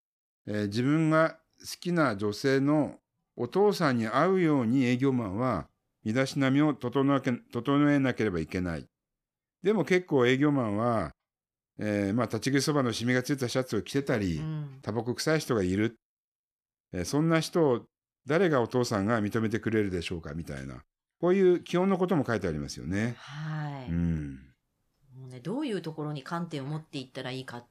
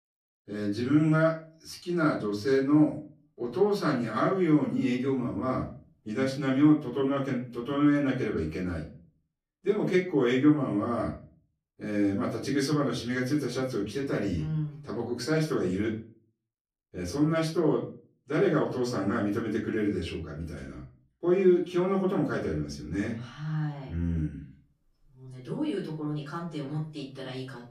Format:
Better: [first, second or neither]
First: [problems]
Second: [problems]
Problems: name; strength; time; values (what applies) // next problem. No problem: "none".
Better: first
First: none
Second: off-mic speech; far // room echo; slight; dies away in 0.4 s